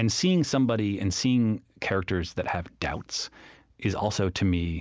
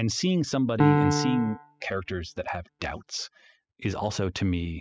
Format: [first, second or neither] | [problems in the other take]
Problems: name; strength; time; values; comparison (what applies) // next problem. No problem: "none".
first | noise reduction (classical method spectral subtraction)